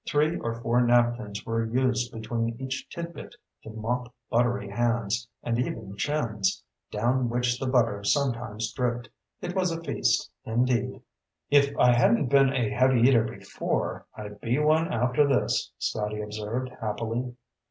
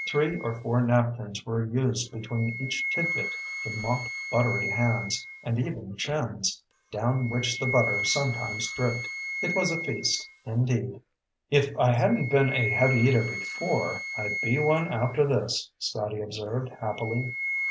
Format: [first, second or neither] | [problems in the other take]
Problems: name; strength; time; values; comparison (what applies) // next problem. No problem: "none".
first | background sound (Wind instrument, woodwind instrument); 7 dB below the speech